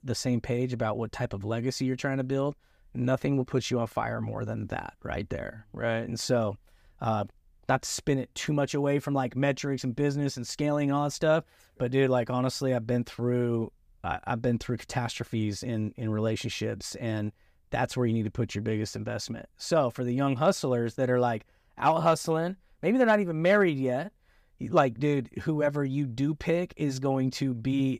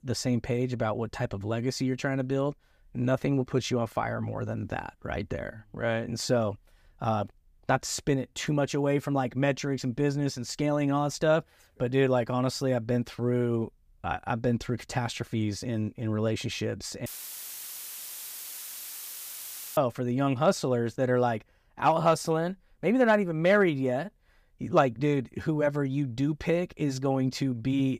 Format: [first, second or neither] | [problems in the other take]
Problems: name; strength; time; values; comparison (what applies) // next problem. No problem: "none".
first | audio cutting out; filled with static; at 17 s for 2.5 s